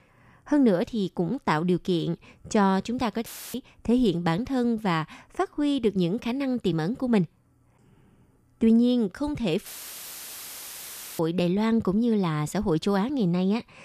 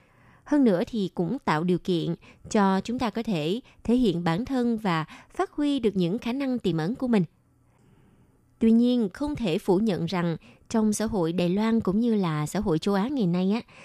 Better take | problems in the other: second | audio cutting out; filled with static; at 3.5 s and at 9.5 s for 1.5 s

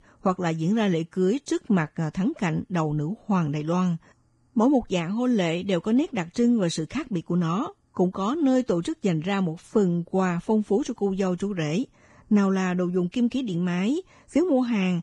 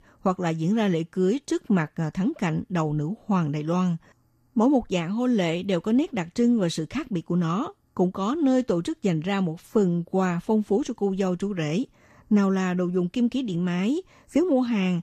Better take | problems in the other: second | garbled, watery; badly; slightly in the second

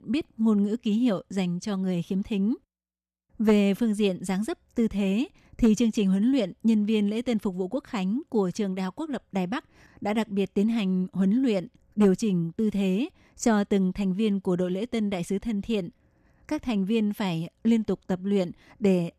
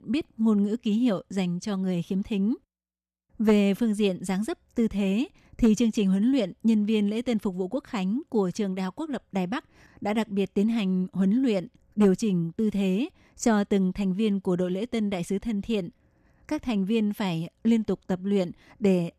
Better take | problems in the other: neither | none

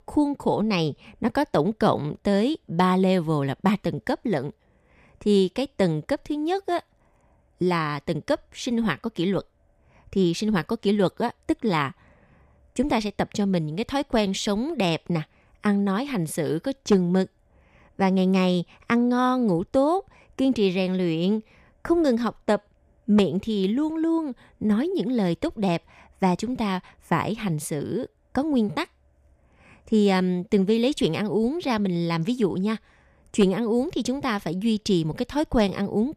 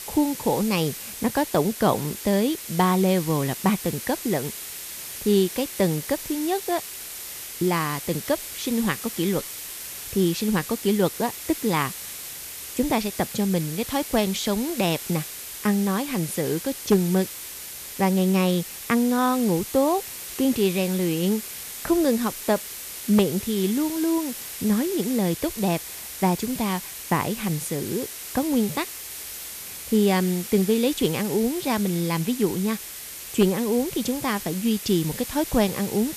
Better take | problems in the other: first | hiss; loud; throughout; 9 dB below the speech

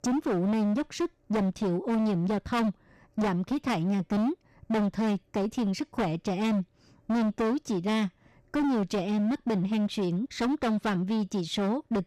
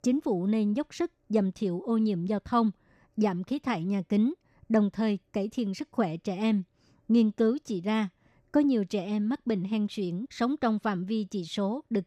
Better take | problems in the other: second | distortion; heavy; 26% of the sound clipped

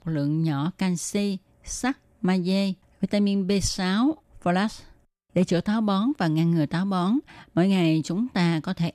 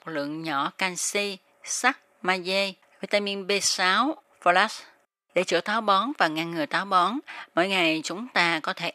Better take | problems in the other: first | thin; very; fading below 550 Hz

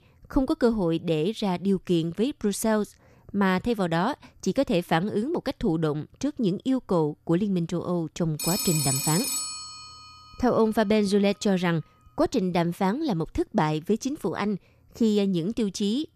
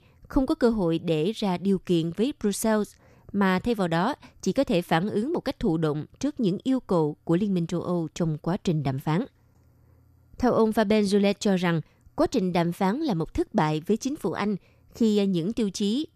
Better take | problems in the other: second | phone ringing; loud; from 8.5 to 10 s; peak 1 dB above the speech

